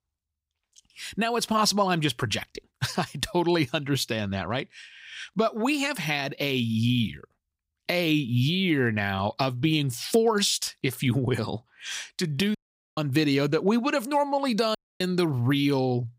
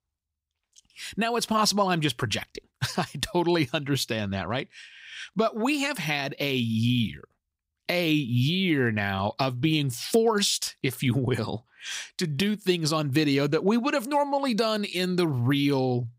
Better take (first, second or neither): second